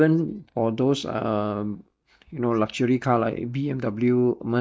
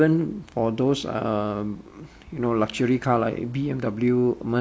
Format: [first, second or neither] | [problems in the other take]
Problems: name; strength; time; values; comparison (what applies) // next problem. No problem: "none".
second | noise reduction (neural mask model DeepFilterNet 3)